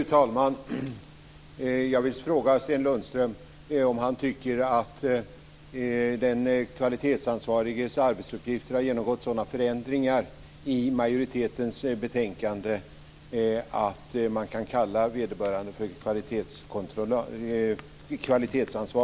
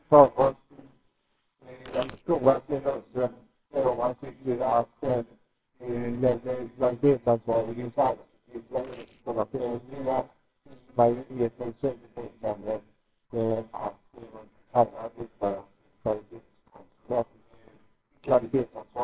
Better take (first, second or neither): first